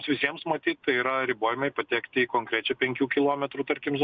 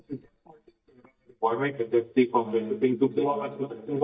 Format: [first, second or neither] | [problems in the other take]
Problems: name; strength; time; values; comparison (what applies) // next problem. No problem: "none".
first | noise reduction (neural mask model DeepFilterNet 3)